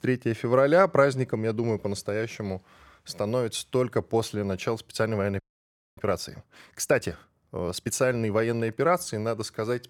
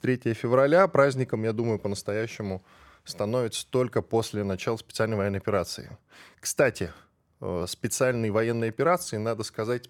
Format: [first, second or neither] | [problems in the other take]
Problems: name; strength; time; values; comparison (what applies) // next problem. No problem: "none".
second | audio freezing; at 5.5 s for 0.5 s